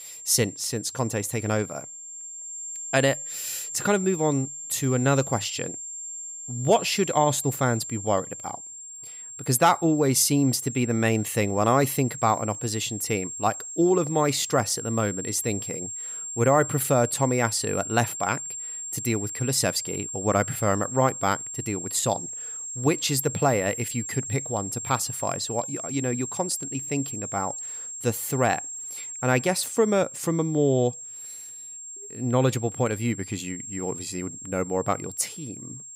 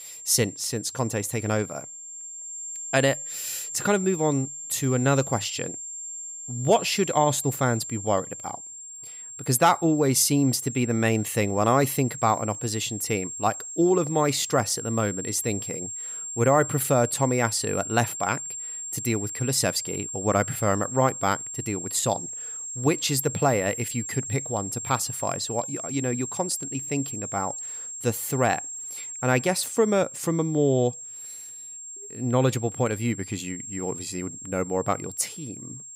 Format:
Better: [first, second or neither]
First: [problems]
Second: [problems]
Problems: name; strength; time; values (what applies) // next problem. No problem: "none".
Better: neither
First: high-pitched whine; loud; throughout; 7.5 kHz, 8 dB below the speech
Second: high-pitched whine; loud; throughout; 7.5 kHz, 8 dB below the speech